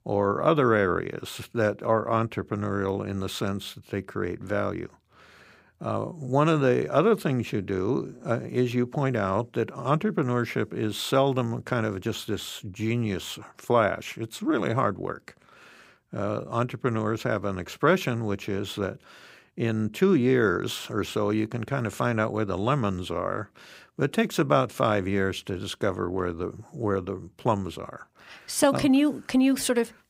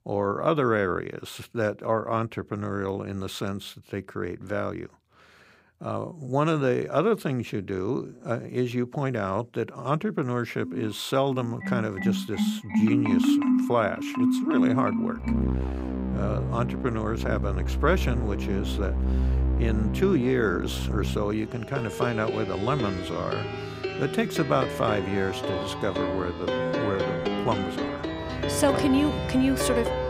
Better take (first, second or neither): first